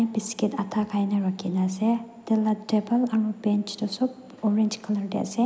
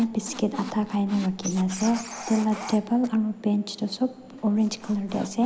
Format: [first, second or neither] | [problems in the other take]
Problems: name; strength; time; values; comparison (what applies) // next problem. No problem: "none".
first | background sound (Squeak); 15 dB below the speech